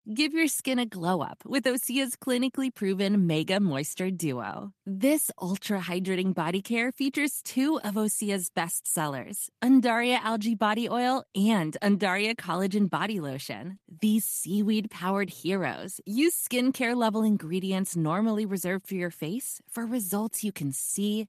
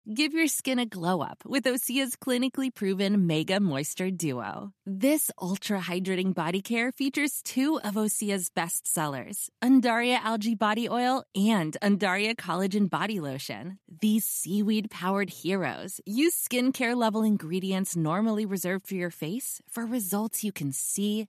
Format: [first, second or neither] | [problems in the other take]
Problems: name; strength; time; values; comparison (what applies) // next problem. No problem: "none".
second | garbled, watery; slightly; nothing above 14 kHz